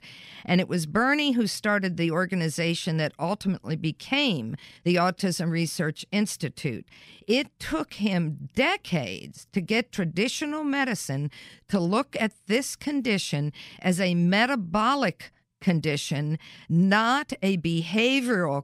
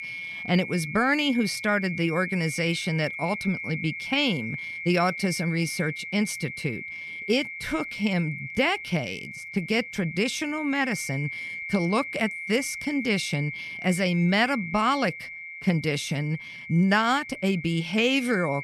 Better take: first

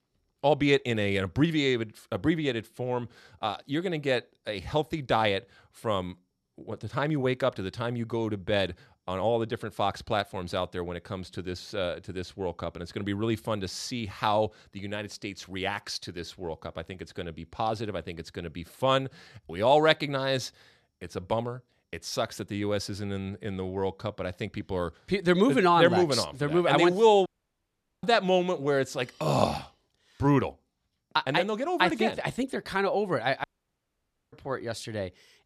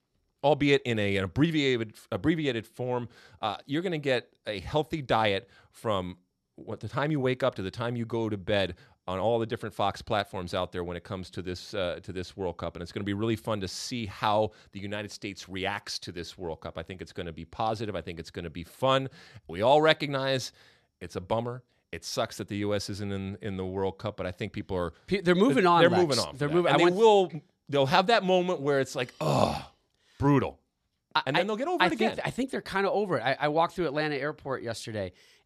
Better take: second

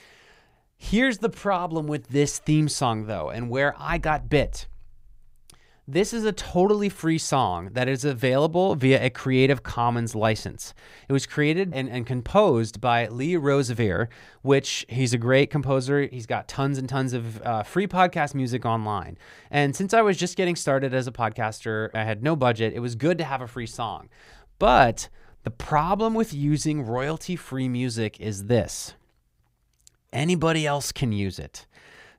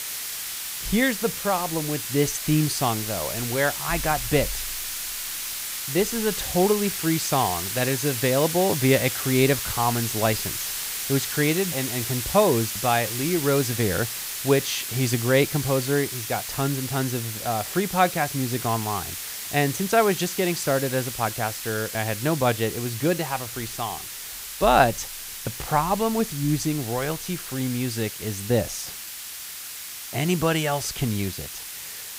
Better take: first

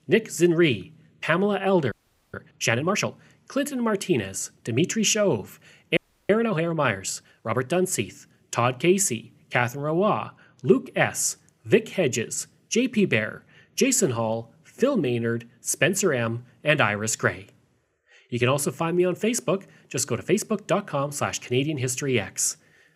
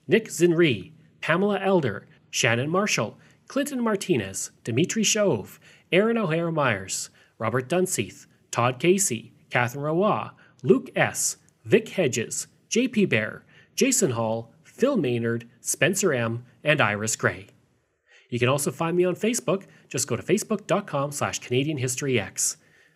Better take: second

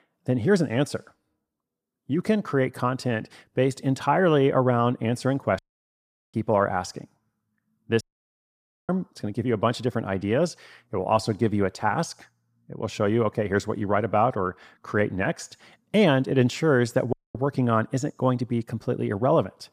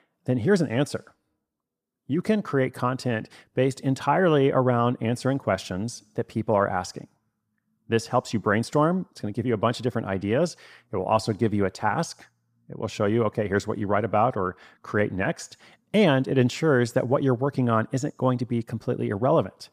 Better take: second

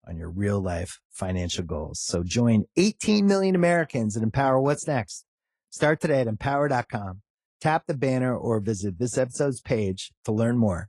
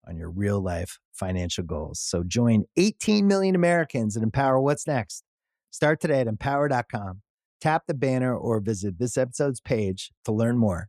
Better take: second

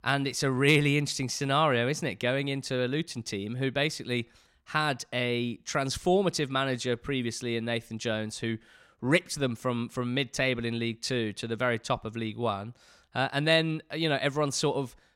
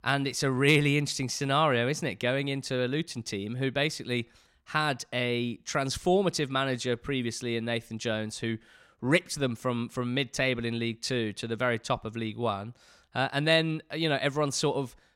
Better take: neither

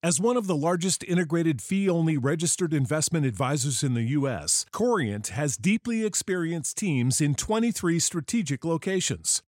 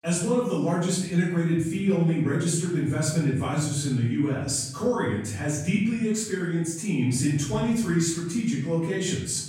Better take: first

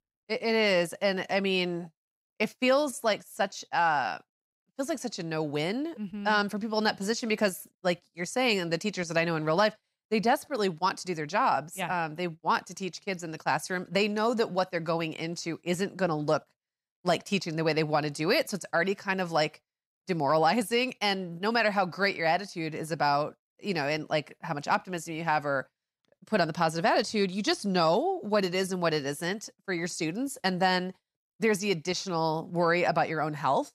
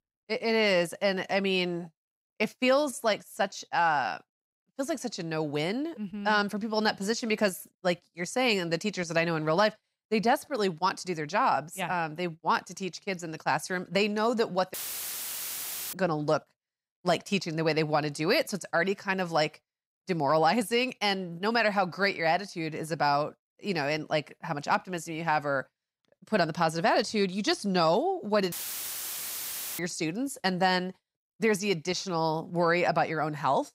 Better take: first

